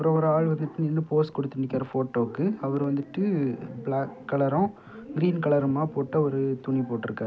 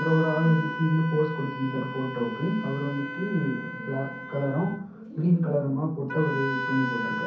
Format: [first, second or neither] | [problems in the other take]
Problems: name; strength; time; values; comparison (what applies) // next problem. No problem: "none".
first | background sound (Wind instrument, woodwind instrument); 8 dB below the speech // room echo; dies away in 0.6 s